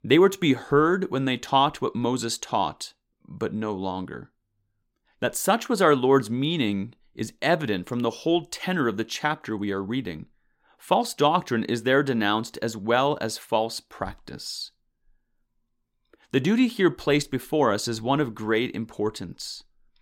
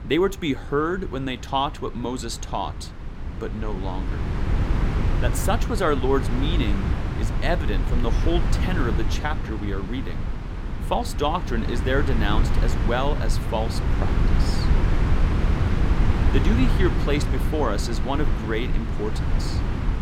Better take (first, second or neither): first